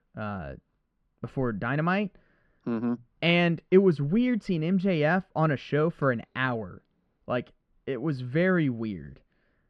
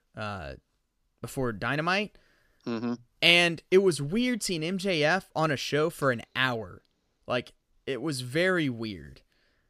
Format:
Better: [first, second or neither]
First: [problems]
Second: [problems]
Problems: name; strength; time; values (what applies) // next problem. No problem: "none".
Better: second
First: muffled; very; fading above 2 kHz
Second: none